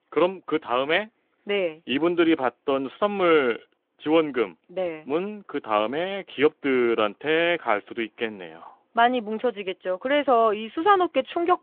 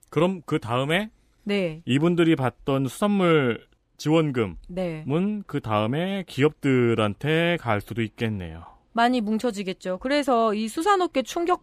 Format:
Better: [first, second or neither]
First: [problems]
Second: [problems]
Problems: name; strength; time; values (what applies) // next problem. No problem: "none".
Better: second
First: phone-call audio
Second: none